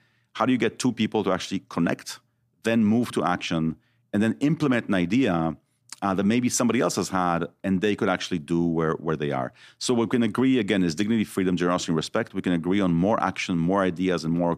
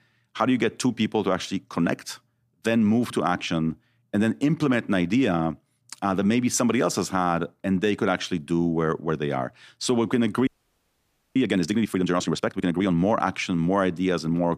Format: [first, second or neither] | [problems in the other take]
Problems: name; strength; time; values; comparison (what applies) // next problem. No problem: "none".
first | audio freezing; at 10 s for 1 s